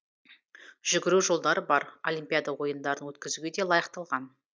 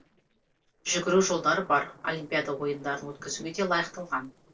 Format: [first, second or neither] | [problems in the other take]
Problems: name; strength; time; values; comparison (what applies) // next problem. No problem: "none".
first | noise reduction (neural separator model SepFormer DNS4)